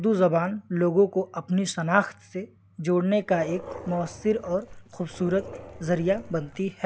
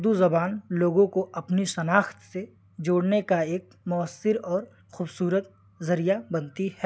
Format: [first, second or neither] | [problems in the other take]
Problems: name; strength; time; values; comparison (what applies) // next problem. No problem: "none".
second | background sound (Dog); 15 dB below the speech